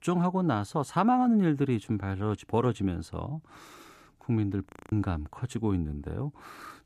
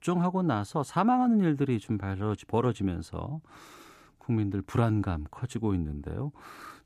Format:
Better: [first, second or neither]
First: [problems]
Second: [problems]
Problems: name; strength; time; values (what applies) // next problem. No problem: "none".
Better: second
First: audio freezing; at 4.5 s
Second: none